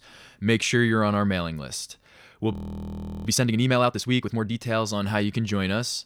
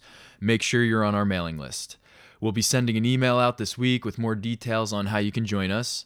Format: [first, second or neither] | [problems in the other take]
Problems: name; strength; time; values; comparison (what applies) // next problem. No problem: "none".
second | audio freezing; at 2.5 s for 0.5 s